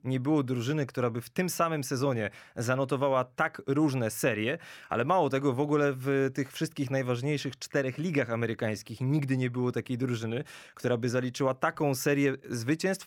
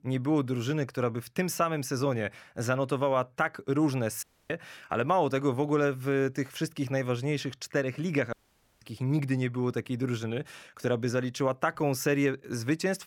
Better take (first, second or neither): first